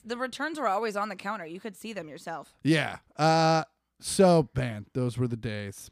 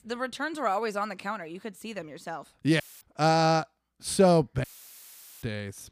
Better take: first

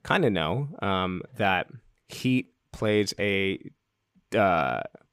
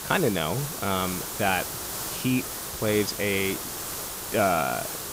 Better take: first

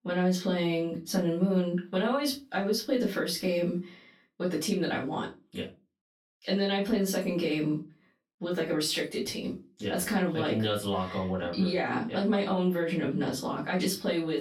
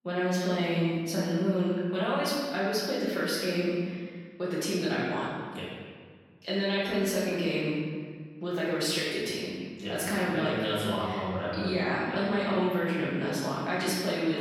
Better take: first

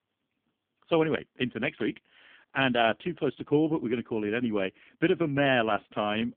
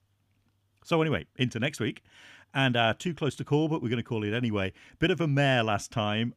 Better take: second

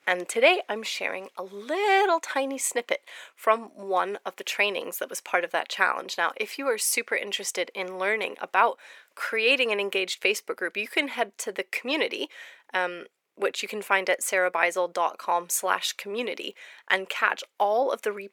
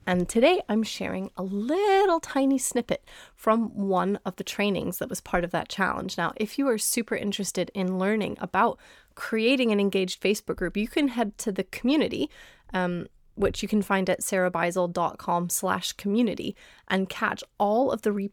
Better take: second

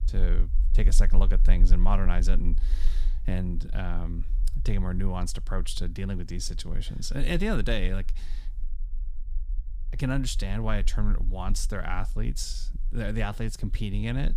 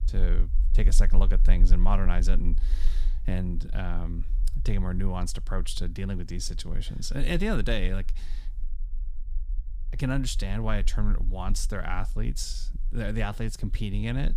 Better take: neither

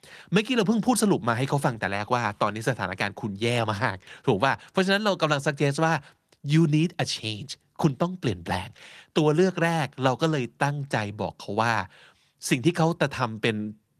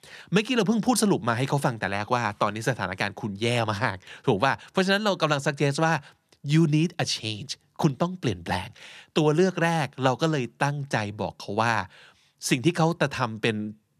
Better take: second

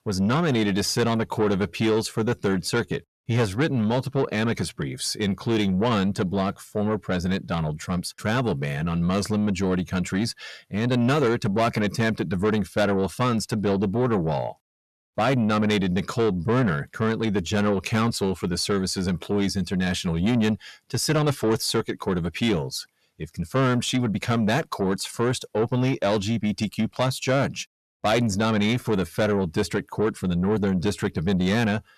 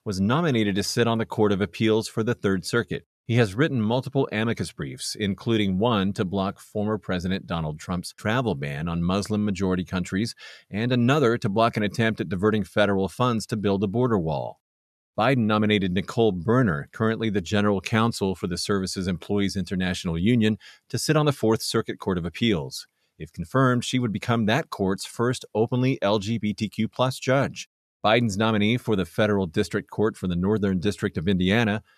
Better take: second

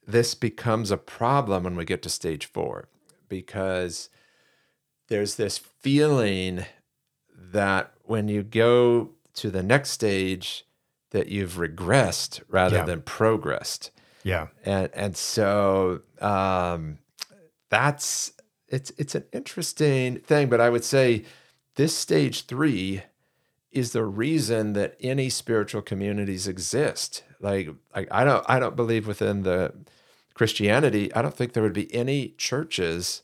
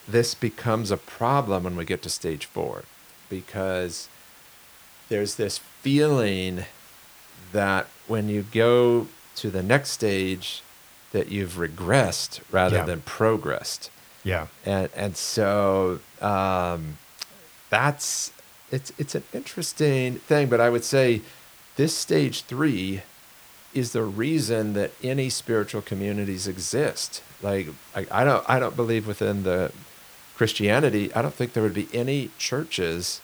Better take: first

